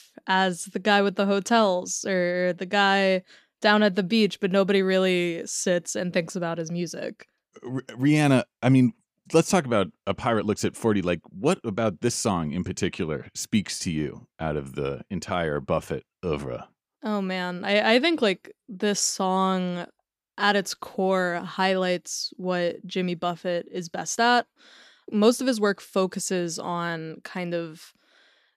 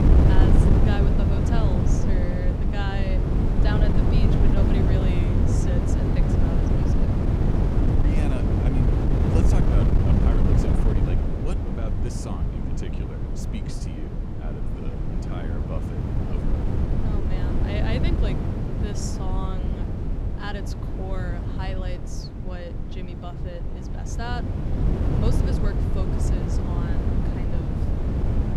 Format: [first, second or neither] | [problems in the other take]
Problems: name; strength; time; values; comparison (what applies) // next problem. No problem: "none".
first | wind noise on the microphone; heavy; 4 dB above the speech